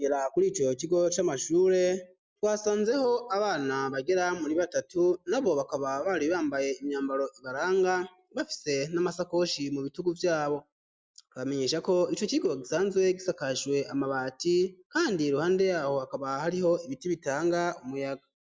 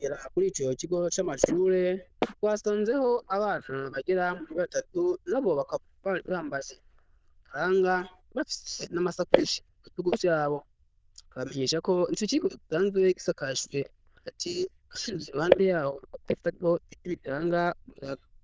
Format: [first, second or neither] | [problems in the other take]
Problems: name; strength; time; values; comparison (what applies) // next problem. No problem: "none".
first | noise reduction (neural diffusion model UNIVERSE++)